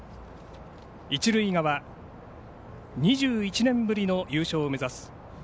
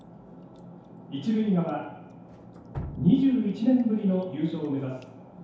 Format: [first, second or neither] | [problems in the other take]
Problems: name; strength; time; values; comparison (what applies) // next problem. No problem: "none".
first | background sound (Drip); 19 dB below the speech // room echo; dies away in 0.8 s